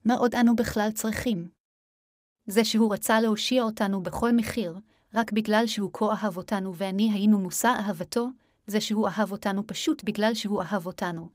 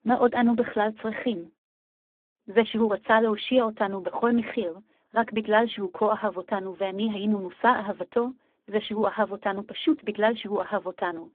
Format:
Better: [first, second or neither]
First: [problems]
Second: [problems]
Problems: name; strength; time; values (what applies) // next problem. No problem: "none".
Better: first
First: none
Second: phone-call audio; poor line; nothing above 3.5 kHz